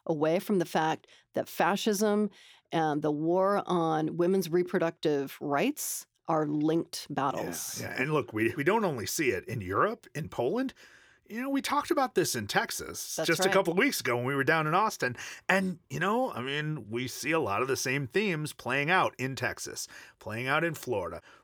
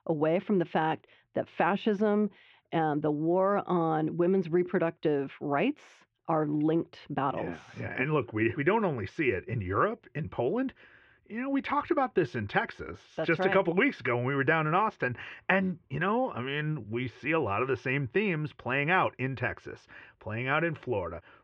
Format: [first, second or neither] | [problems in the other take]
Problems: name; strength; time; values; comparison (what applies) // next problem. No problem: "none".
first | muffled; very; fading above 2.5 kHz